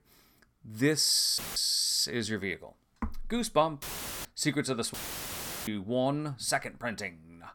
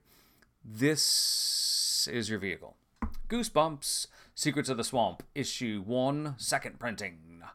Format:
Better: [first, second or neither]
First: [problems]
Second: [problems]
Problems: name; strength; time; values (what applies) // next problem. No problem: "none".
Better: second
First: audio cutting out; filled with static; at 1.5 s, at 4 s and at 5 s for 0.5 s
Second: none